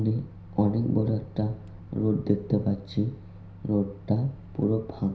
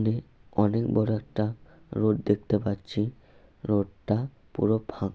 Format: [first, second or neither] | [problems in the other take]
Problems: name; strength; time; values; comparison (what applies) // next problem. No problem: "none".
second | background sound (Microwave oven); 16 dB below the speech // room echo; dies away in 0.5 s